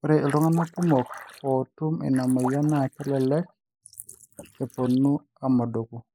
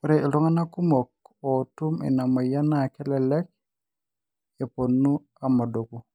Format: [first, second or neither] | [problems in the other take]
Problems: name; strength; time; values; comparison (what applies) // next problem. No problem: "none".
second | noise reduction (neural mask model Resemble Enhance denoiser)